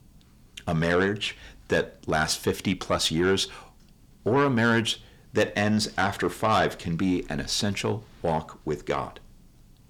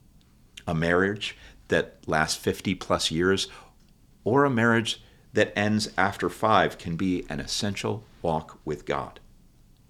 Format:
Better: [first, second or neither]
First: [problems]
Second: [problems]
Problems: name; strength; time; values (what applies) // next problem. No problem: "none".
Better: second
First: distortion; slight; 10 dB below the speech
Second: none